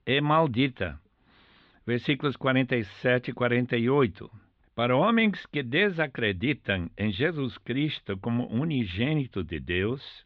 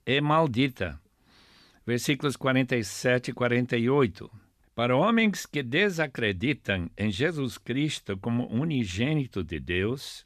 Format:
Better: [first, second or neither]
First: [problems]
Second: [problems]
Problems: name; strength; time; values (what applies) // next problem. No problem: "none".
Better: second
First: muffled; very; fading above 3.5 kHz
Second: none